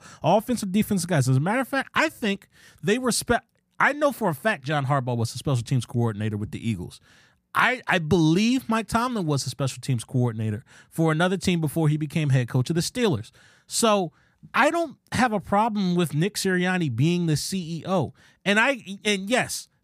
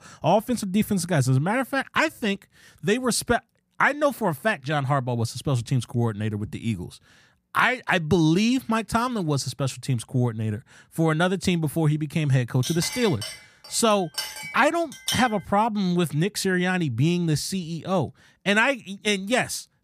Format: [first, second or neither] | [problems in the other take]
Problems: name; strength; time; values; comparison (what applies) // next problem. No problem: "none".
first | clattering dishes; noticeable; from 13 to 15 s; peak 4 dB below the speech